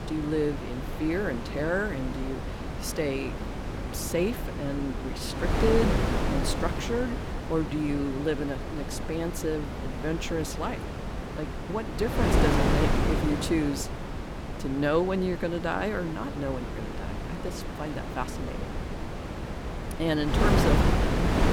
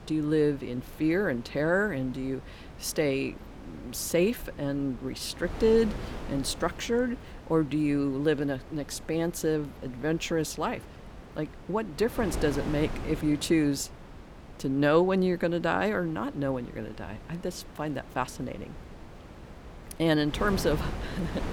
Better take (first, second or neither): second